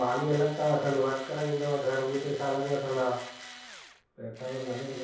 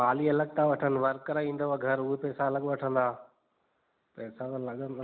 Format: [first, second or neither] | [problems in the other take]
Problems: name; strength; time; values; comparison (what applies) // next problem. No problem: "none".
second | background sound (Tools); 16 dB below the speech // room echo; dies away in 0.6 s